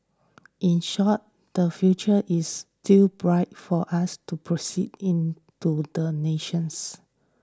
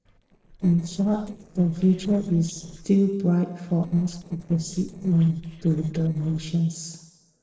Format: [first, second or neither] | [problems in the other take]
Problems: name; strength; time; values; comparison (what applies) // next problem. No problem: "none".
first | noise reduction (neural separator model SepFormer DNS4)